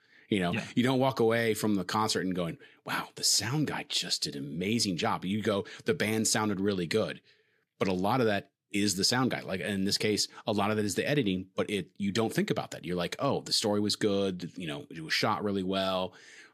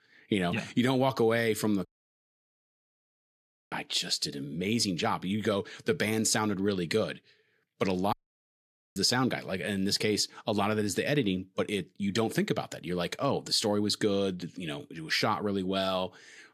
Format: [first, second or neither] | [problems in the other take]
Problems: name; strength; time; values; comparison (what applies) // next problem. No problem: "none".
first | audio cutting out; at 2 s for 2 s and at 8 s for 1 s